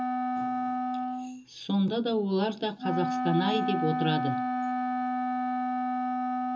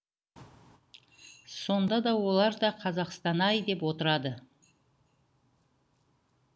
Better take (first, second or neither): second